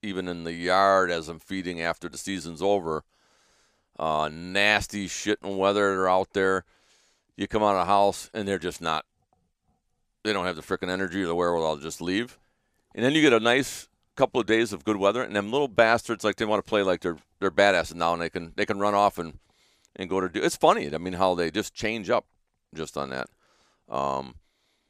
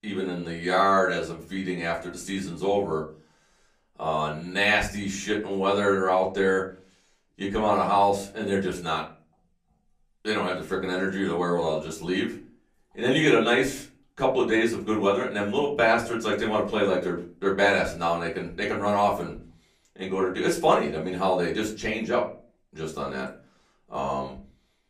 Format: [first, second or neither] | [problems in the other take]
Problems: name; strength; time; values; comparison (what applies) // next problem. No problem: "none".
first | off-mic speech; far // room echo; very slight; dies away in 0.3 s